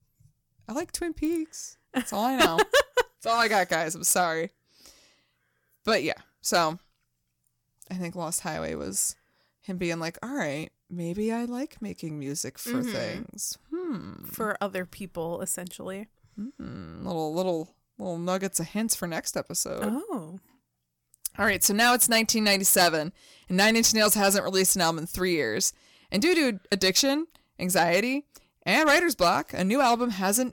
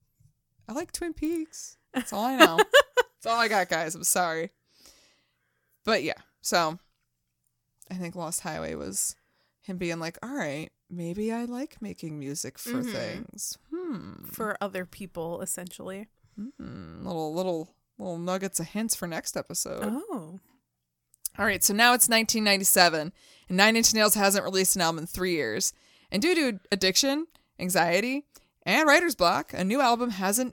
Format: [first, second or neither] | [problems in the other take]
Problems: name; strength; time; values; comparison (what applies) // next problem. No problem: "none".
second | distortion; slight; 1.6% of the sound clipped